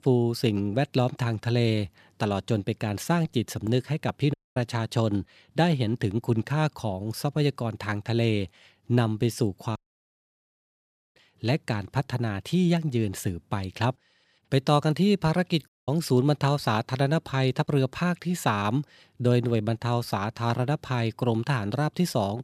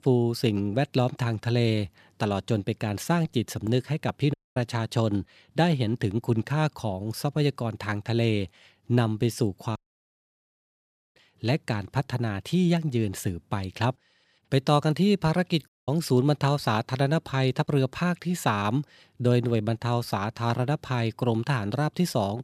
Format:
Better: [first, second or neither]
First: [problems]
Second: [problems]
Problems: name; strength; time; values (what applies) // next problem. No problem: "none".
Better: neither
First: audio cutting out; at 4.5 s, at 10 s for 1.5 s and at 16 s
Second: audio cutting out; at 4.5 s, at 10 s for 1.5 s and at 16 s